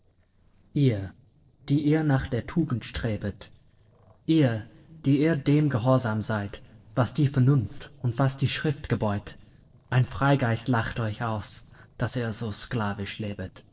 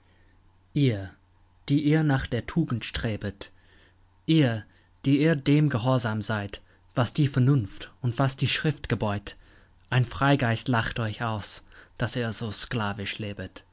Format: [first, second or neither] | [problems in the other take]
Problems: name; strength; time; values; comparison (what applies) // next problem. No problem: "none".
second | noise reduction (neural separator model SepFormer DNS4)